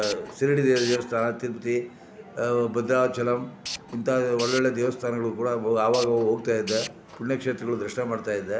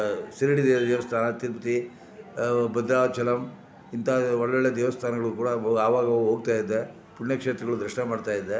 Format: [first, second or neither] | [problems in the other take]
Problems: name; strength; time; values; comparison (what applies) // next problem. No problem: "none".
second | background sound (Tools); 14 dB below the speech